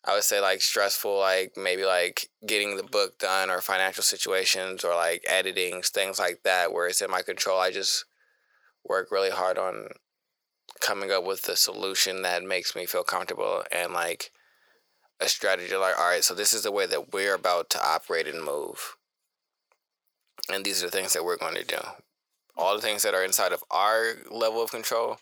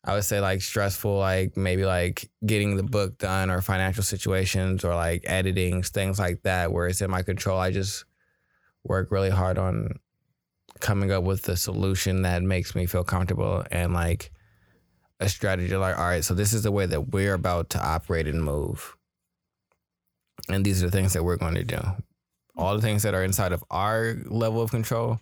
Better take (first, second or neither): second